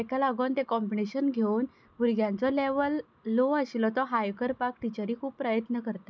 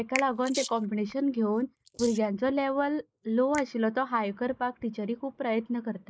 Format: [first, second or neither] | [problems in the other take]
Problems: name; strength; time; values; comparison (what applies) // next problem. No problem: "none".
first | noise reduction (neural mask model Resemble Enhance denoiser)